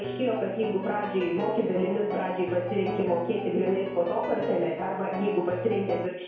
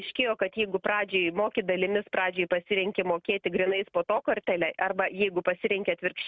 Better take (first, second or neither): second